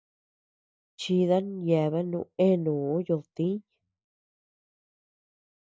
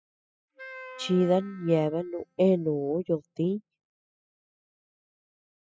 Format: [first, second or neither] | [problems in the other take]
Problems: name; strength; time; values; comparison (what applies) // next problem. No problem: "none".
first | noise reduction (classical method spectral subtraction)